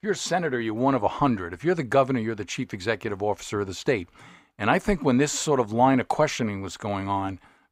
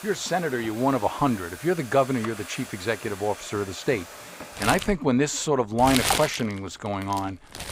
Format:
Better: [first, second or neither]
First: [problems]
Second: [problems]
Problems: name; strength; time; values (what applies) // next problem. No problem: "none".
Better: first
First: none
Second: household noises; loud; throughout; 8 dB below the speech